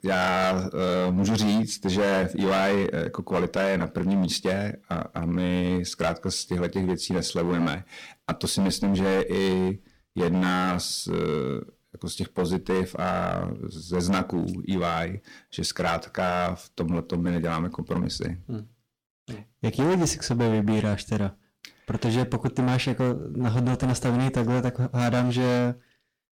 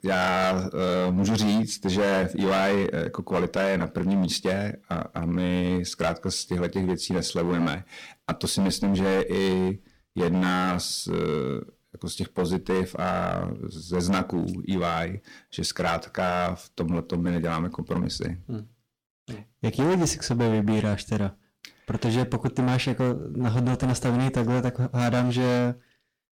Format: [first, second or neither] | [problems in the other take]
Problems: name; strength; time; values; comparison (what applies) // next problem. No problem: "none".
neither | distortion; heavy; 14% of the sound clipped; the same in both